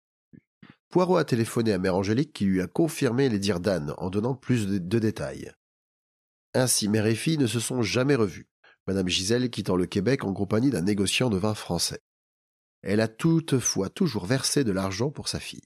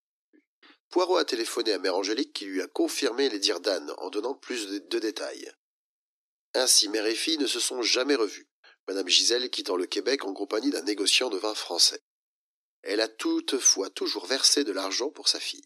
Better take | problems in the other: first | thin; somewhat; fading below 300 Hz

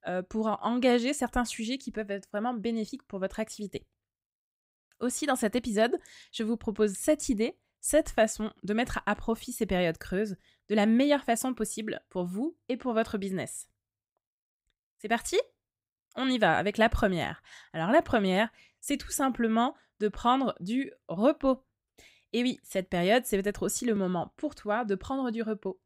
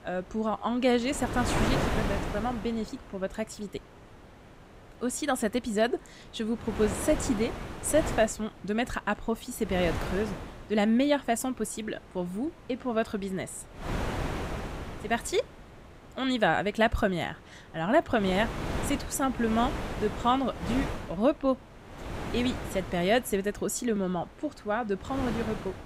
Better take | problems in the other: first | wind noise on the microphone; heavy; 7 dB below the speech

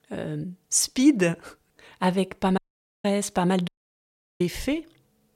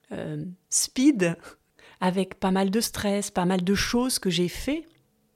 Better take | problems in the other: second | audio cutting out; at 2.5 s and at 3.5 s for 0.5 s

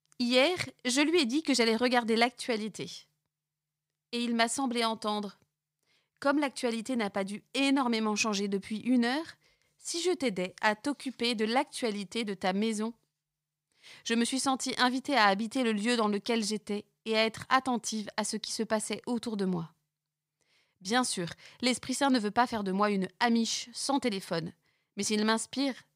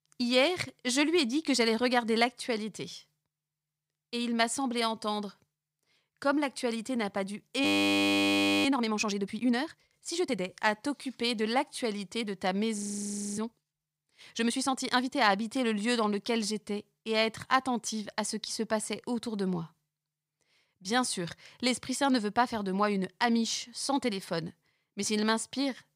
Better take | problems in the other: first | audio freezing; at 7.5 s for 1 s and at 13 s for 0.5 s

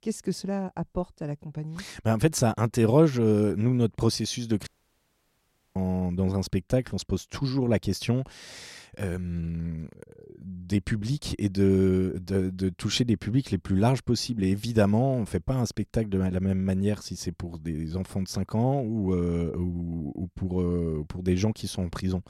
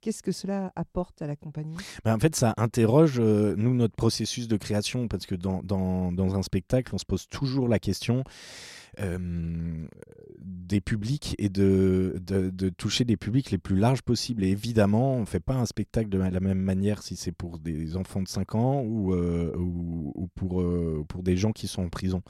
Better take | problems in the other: second | audio cutting out; at 4.5 s for 1 s

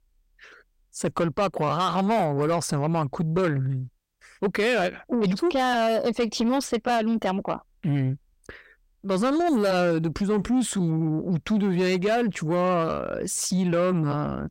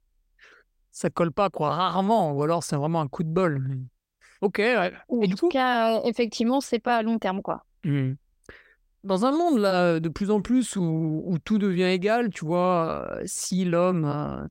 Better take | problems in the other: second | distortion; slight; 10 dB below the speech

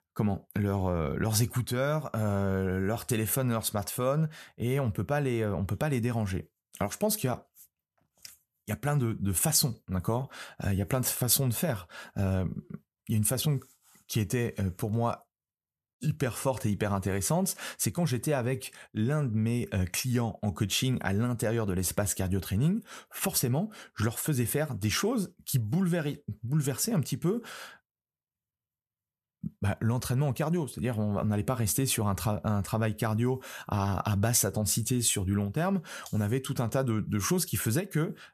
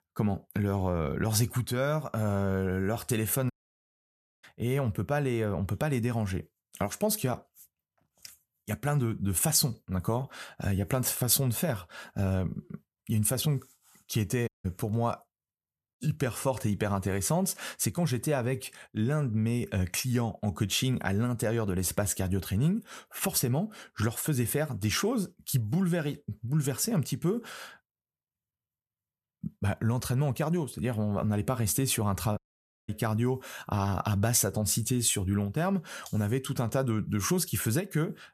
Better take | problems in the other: first | audio cutting out; at 3.5 s for 1 s, at 14 s and at 32 s for 0.5 s

